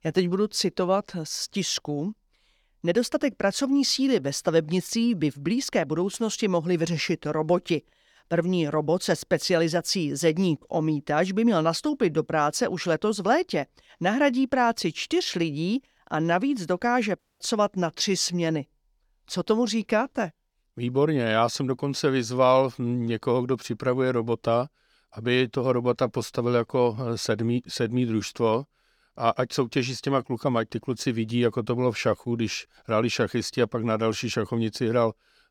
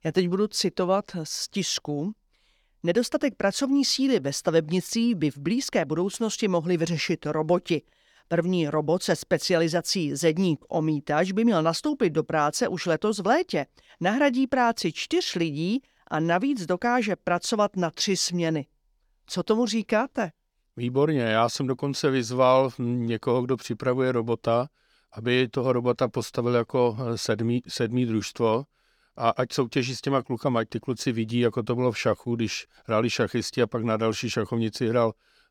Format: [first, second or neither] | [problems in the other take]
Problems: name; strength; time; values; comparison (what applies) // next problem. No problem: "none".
second | audio cutting out; at 17 s